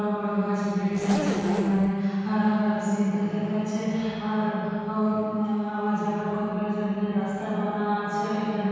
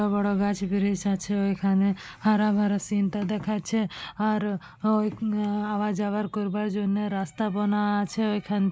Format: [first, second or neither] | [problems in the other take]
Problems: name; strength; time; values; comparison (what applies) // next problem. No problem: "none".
second | background sound (Zipper (clothing)); 6 dB below the speech // room echo; dies away in 2.2 s